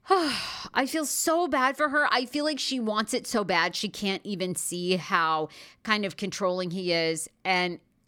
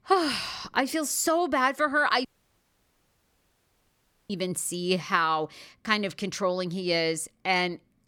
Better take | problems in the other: first | audio cutting out; at 2.5 s for 2 s

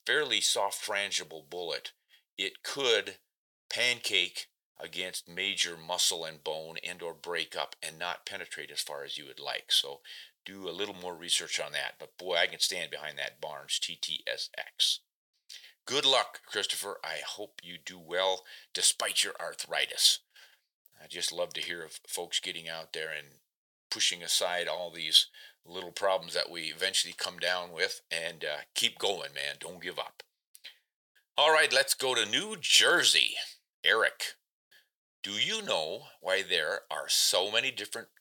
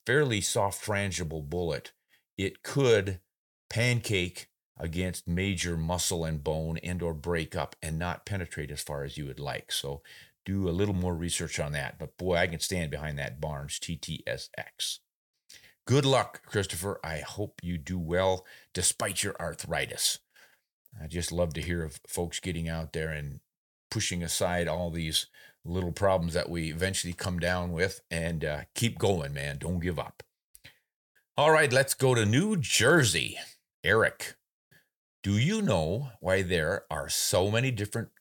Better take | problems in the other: second | thin; very; fading below 550 Hz

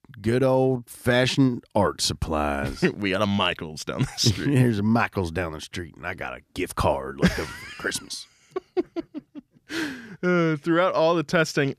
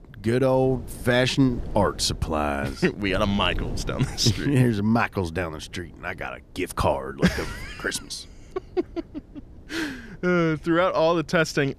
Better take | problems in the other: first | wind noise on the microphone; occasional gusts; 25 dB below the speech

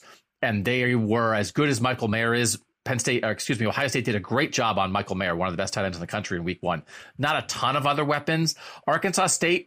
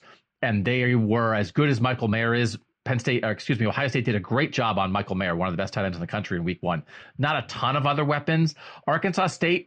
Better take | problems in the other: first | muffled; slightly; fading above 4 kHz

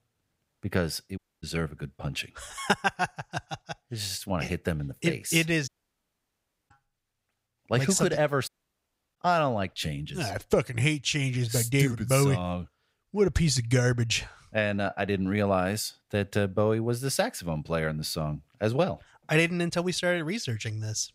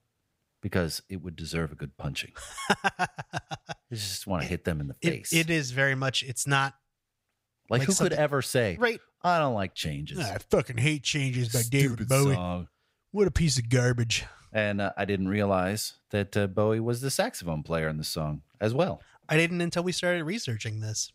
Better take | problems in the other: second | audio cutting out; at 1 s, at 5.5 s for 1 s and at 8.5 s for 0.5 s

